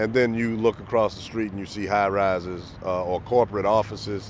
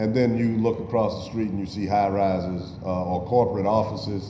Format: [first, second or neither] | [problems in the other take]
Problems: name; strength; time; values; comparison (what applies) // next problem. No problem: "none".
first | room echo; dies away in 0.9 s